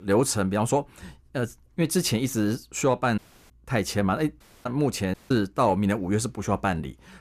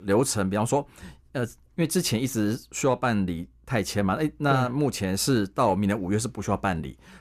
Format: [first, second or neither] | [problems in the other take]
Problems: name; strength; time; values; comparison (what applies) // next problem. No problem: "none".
second | audio cutting out; at 3 s, at 4.5 s and at 5 s